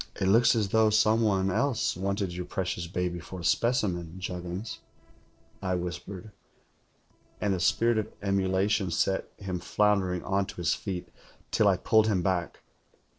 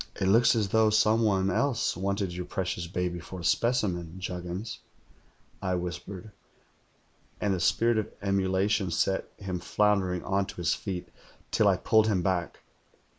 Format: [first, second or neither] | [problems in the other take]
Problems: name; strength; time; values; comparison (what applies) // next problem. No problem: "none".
second | noise reduction (neural separator model SepFormer DNS4)